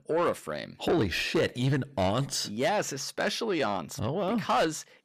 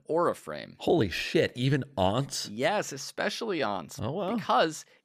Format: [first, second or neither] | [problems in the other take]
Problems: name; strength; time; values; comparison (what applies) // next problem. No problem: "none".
second | distortion; slight; 10 dB below the speech